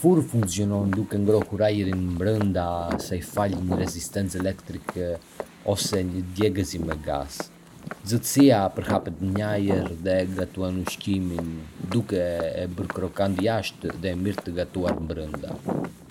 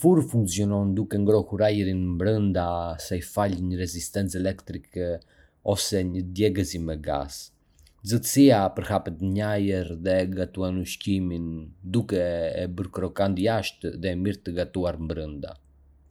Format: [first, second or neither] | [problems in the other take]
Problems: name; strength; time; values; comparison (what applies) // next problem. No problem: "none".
second | background sound (Walk, footsteps); 11 dB below the speech